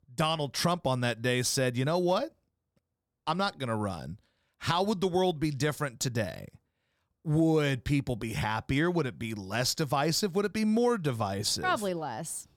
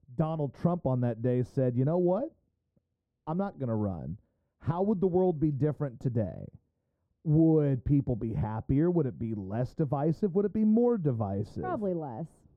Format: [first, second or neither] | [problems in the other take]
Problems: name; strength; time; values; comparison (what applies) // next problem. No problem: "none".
first | muffled; very; fading above 1.5 kHz